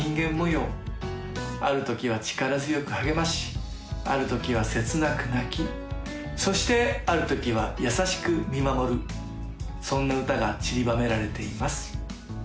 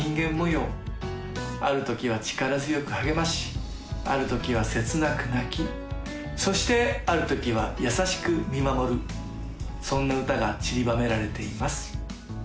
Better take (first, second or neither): first